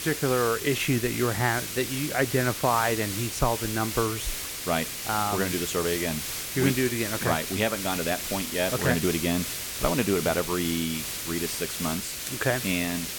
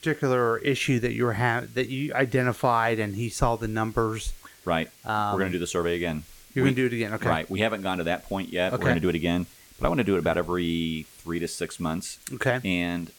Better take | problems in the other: second | hiss; loud; throughout; 4 dB below the speech; faint in the second

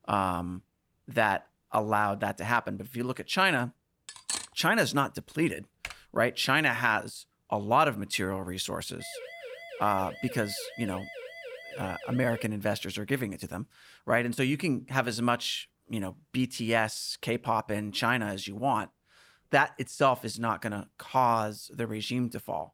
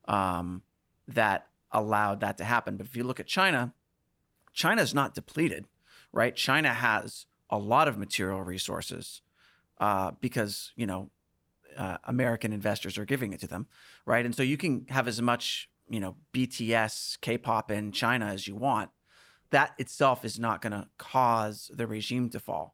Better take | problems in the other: second | clattering dishes; noticeable; at 4 s; peak 4 dB below the speech // keyboard typing; faint; at 6 s; peak 15 dB below the speech // siren; faint; from 9 to 12 s; peak 10 dB below the speech

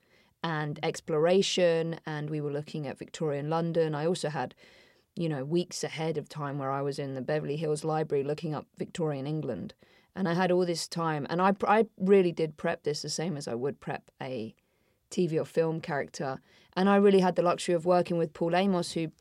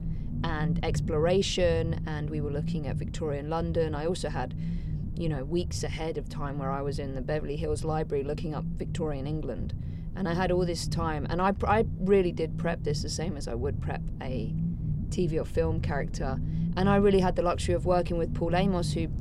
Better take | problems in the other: first | low rumble; noticeable; throughout; 15 dB below the speech

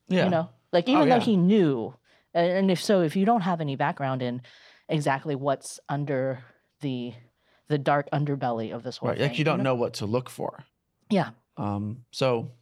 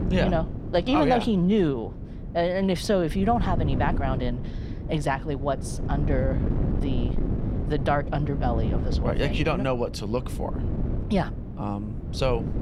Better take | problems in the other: first | wind noise on the microphone; occasional gusts; 10 dB below the speech

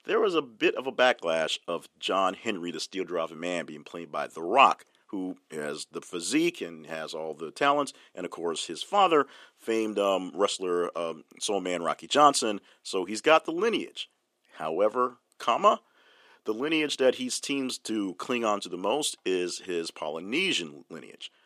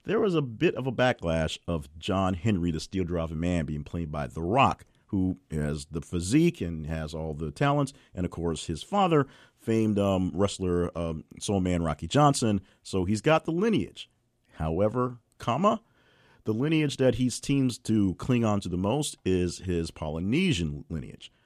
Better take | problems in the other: second | thin; somewhat; fading below 350 Hz

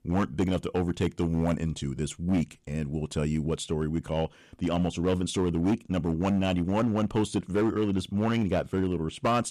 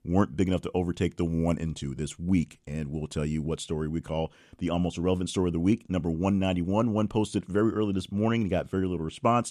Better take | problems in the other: second | distortion; slight; 7% of the sound clipped

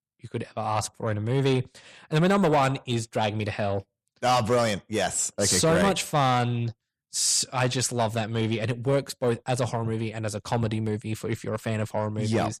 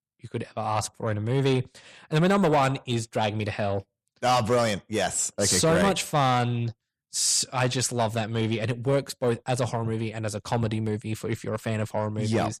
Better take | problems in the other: neither | distortion; slight; 10 dB below the speech; the same in both

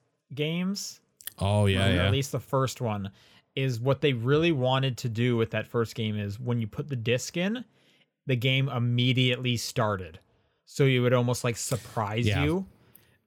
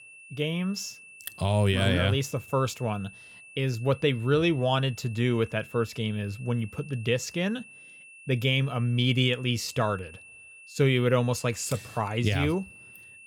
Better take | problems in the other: first | high-pitched whine; noticeable; throughout; 2.5 kHz, 20 dB below the speech

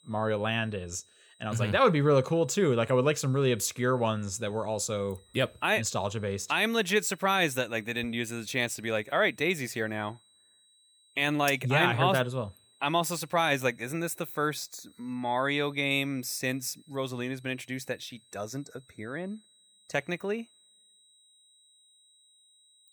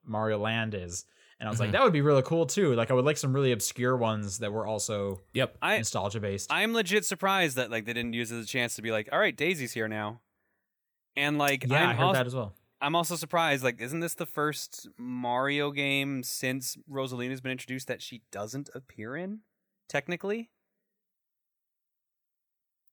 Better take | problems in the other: second | high-pitched whine; faint; throughout; 4 kHz, 30 dB below the speech

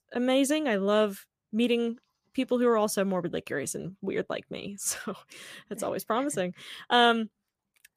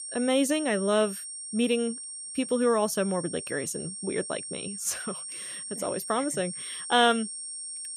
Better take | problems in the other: first | high-pitched whine; loud; throughout; 8.5 kHz, 8 dB below the speech

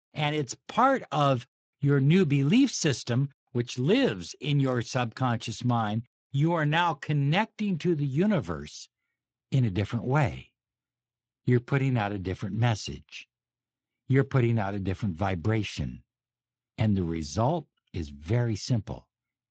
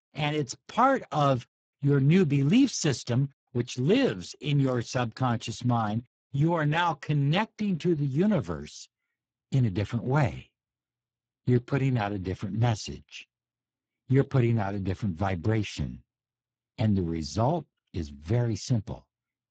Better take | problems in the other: first | garbled, watery; badly; nothing above 7.5 kHz; slightly in the first

